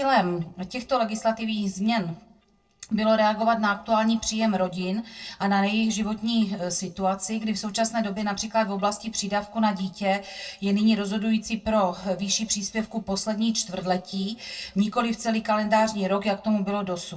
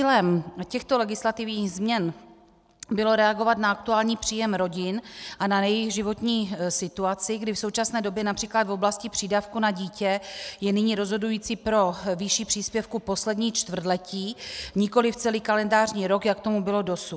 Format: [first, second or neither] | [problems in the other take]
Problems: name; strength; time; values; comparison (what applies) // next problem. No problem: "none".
second | noise reduction (neural separator model SepFormer DNS4)